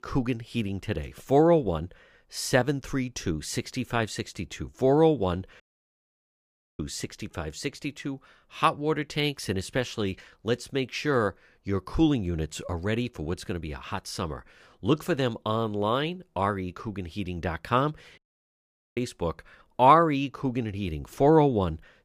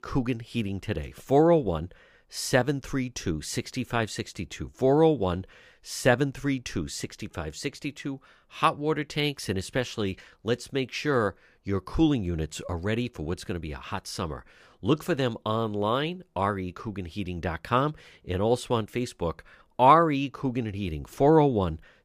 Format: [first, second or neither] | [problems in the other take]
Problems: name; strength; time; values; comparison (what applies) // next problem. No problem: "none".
second | audio cutting out; at 5.5 s for 1 s and at 18 s for 1 s